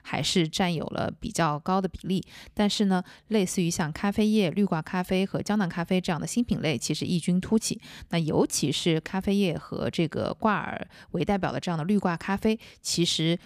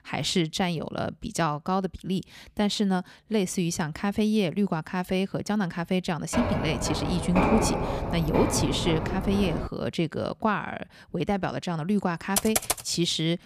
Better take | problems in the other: first | footsteps; loud; from 6.5 to 9.5 s; peak 4 dB above the speech // keyboard typing; loud; at 12 s; peak 3 dB above the speech

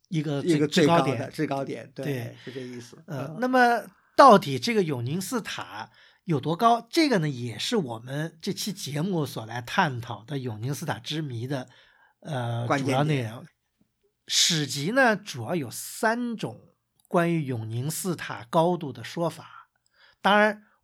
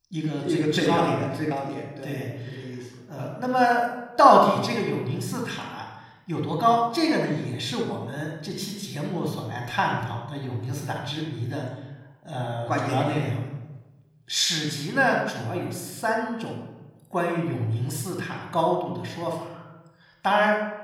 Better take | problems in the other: first | off-mic speech; somewhat distant // room echo; noticeable; dies away in 0.8 s

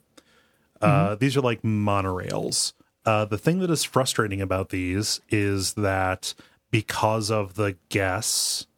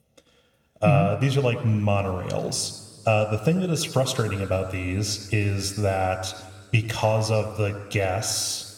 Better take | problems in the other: first | room echo; slight; dies away in 2.2 s

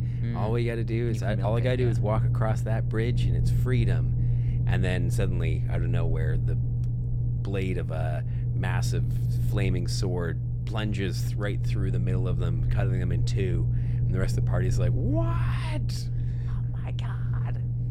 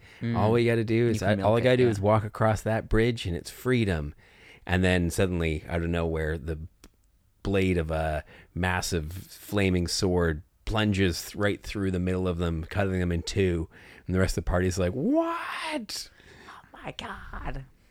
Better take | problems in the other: second | low rumble; loud; throughout; 5 dB below the speech

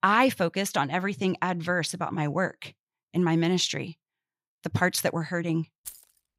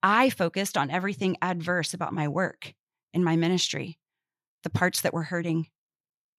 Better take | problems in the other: second | jangling keys; faint; at 6 s; peak 15 dB below the speech

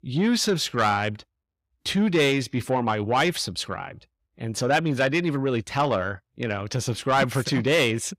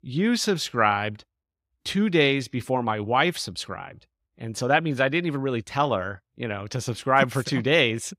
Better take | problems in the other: second | distortion; slight; 10 dB below the speech

